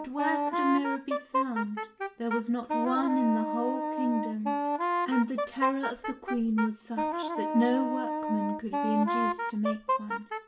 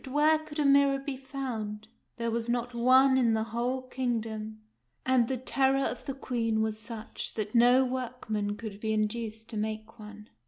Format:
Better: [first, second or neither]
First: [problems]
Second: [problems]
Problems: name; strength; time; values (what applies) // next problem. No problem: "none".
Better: second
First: background sound (Wind instrument, woodwind instrument); 1 dB below the speech // room echo; dies away in 0.1 s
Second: none